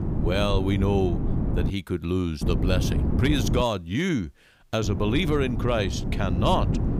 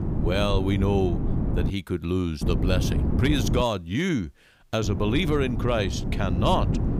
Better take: neither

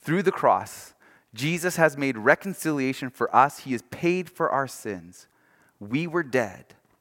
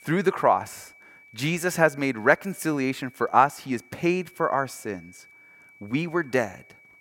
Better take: first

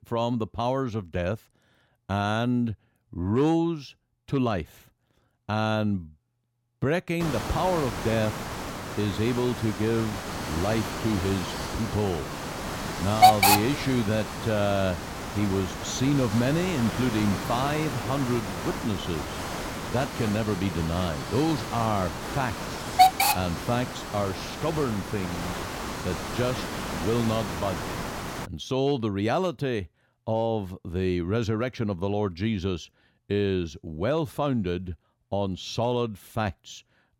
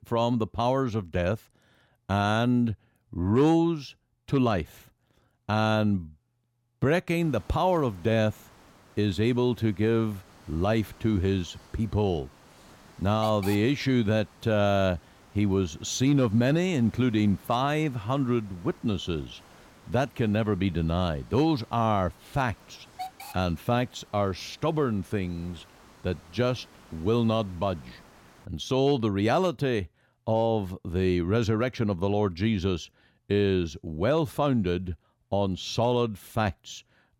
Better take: second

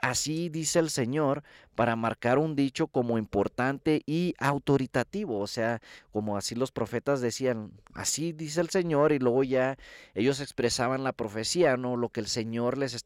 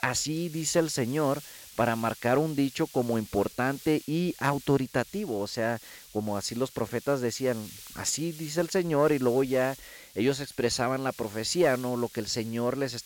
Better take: first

